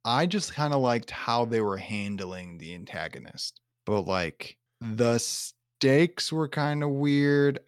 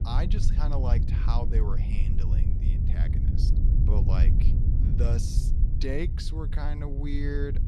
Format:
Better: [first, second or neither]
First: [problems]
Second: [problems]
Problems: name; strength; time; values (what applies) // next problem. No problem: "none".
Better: first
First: none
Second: low rumble; loud; throughout; 4 dB below the speech